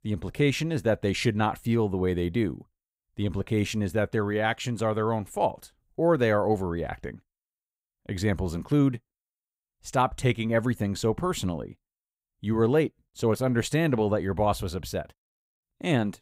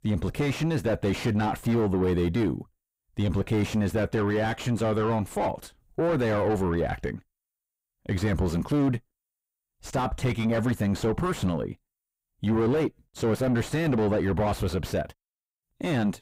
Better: first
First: none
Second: distortion; heavy; 5 dB below the speech

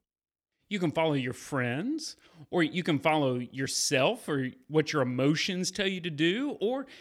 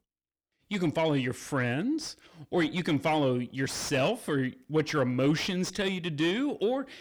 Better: first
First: none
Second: distortion; slight; 10 dB below the speech

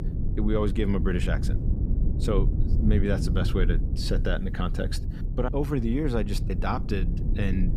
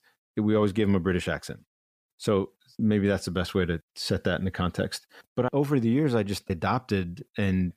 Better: second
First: low rumble; loud; throughout; 9 dB below the speech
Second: none

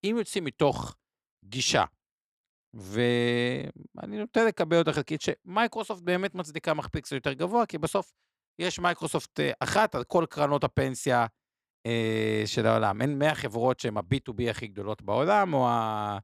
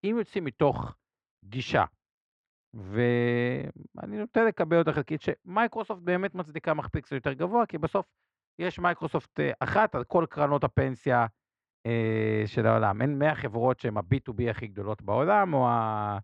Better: first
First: none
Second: muffled; very; fading above 2 kHz

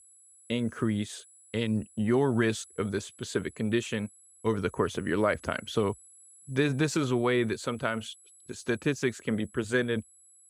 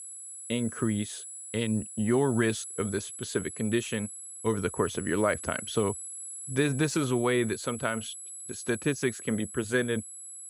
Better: first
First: high-pitched whine; faint; throughout; 11 kHz, 25 dB below the speech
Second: high-pitched whine; loud; throughout; 11 kHz, 9 dB below the speech

